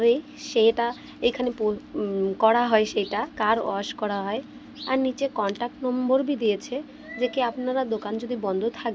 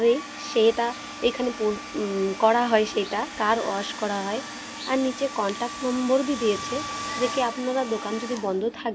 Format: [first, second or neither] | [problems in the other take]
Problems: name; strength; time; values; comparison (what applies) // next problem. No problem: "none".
first | background sound (Domestic sounds, home sounds); 11 dB below the speech